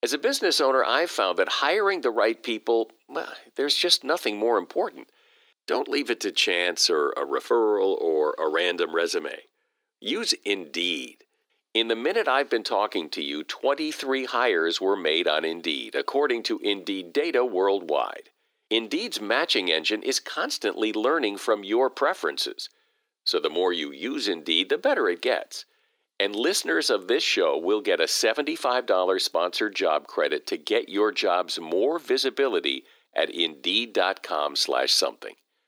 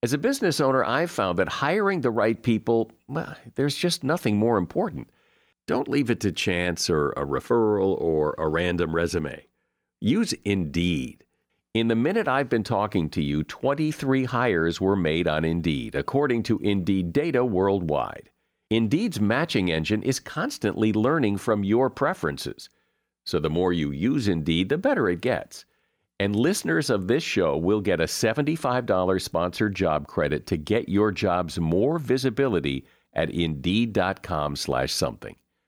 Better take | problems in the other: second | thin; somewhat; fading below 350 Hz

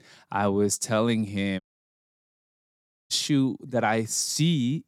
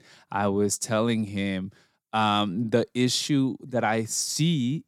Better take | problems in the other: second | audio cutting out; at 1.5 s for 1.5 s

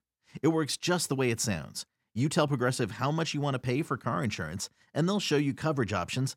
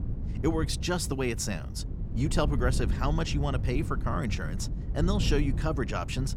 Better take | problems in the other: first | wind noise on the microphone; occasional gusts; 15 dB below the speech

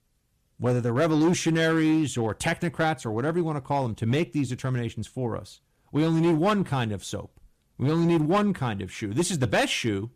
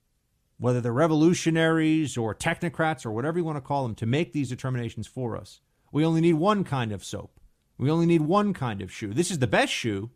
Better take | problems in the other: second | distortion; slight; 6% of the sound clipped

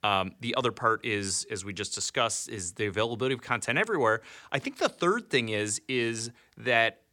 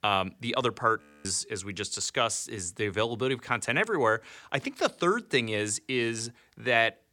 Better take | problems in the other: first | audio freezing; at 1 s

